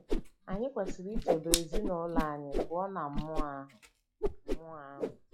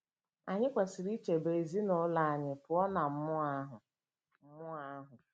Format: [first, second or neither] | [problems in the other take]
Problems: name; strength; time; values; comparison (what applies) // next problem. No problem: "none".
second | noise reduction (classical method log-MMSE)